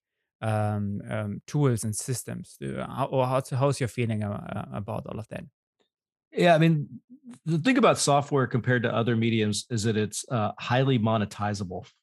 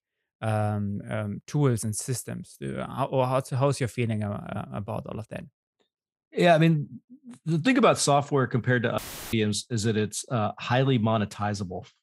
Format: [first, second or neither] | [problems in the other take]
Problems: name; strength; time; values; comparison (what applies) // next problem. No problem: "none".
first | audio cutting out; filled with static; at 9 s